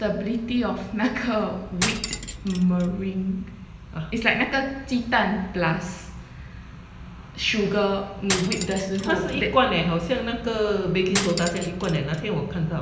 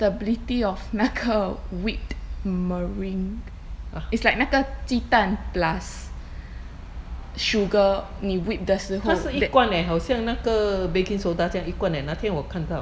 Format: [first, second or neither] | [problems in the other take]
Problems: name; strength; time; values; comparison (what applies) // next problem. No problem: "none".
second | background sound (Cutlery, silverware); 7 dB below the speech // room echo; dies away in 0.9 s